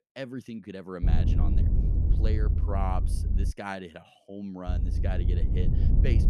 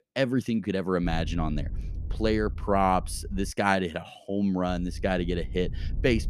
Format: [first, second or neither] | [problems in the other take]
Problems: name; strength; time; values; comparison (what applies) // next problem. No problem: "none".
second | low rumble; loud; from 1 to 3.5 s and from 4.5 s on; 4 dB below the speech; faint in the second